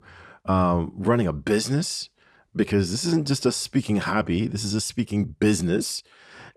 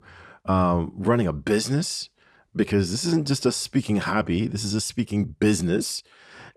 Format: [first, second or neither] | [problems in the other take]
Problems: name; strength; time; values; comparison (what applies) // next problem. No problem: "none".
neither | none